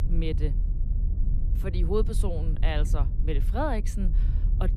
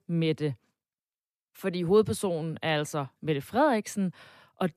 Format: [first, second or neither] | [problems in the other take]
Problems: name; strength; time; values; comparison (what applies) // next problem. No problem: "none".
second | low rumble; noticeable; throughout; 15 dB below the speech